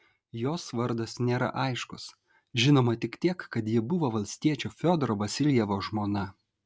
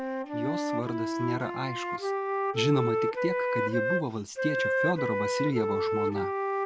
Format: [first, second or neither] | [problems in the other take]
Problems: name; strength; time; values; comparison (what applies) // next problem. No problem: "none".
first | background sound (Wind instrument, woodwind instrument); 3 dB above the speech